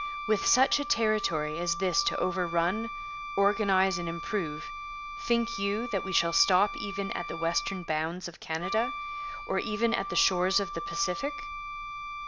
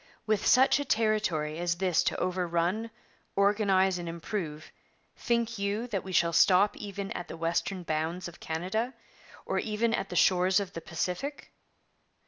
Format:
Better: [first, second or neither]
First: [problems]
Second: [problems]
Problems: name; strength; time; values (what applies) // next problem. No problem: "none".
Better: second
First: background sound (Wind instrument, woodwind instrument); 7 dB below the speech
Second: none